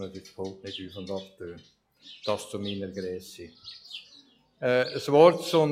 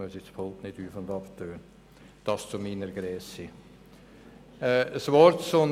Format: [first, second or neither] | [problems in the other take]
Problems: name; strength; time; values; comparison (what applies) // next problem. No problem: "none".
second | noise reduction (classical method log-MMSE)